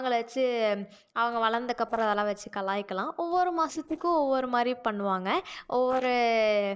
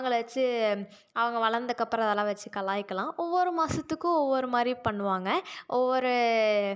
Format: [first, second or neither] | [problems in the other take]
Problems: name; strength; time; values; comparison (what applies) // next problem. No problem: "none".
second | noise reduction (neural separator model SepFormer DNS4)